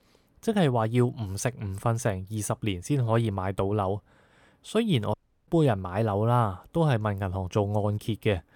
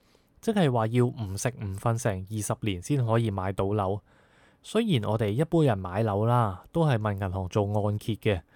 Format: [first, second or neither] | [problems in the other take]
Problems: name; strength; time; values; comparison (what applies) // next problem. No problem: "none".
second | audio cutting out; at 5 s